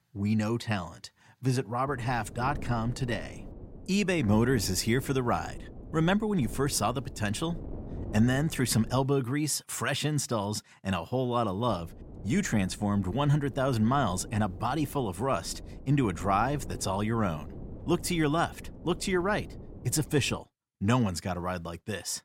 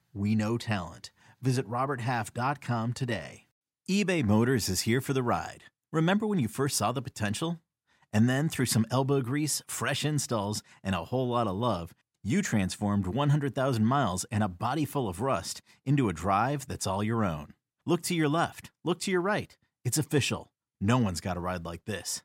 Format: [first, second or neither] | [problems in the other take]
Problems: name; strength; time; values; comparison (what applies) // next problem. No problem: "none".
second | wind noise on the microphone; occasional gusts; from 2 to 9 s and from 12 to 20 s; 20 dB below the speech